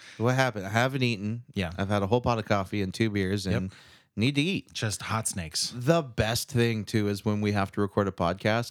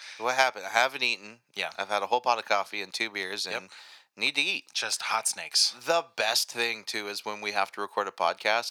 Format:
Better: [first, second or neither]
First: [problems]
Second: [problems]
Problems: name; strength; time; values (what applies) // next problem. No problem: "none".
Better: first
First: none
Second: thin; very; fading below 750 Hz